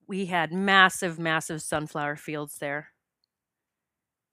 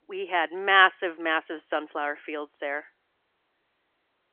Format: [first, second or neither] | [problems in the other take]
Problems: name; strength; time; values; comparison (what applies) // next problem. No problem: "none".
first | phone-call audio; nothing above 3.5 kHz